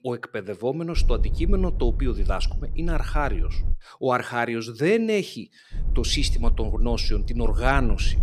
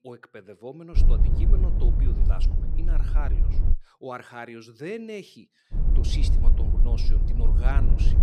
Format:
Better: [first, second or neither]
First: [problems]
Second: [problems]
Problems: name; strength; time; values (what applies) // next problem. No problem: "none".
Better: first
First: low rumble; faint; from 1 to 3.5 s and from 5.5 s on; 20 dB below the speech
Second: low rumble; loud; from 1 to 3.5 s and from 5.5 s on; 4 dB below the speech